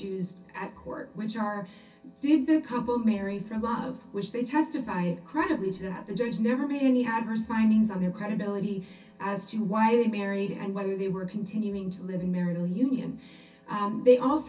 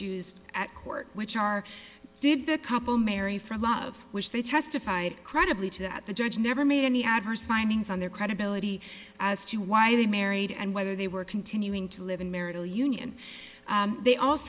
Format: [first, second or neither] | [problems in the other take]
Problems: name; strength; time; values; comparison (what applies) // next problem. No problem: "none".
second | room echo; dies away in 0.3 s